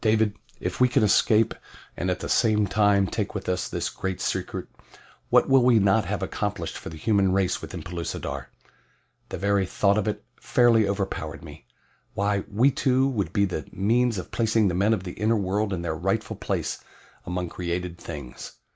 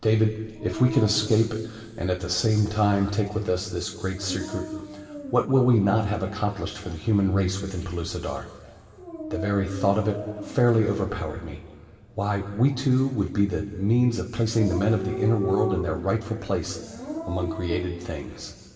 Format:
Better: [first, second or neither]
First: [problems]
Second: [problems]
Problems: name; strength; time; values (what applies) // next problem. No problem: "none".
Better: first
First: none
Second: background sound (Dog); 12 dB below the speech // room echo; dies away in 2.4 s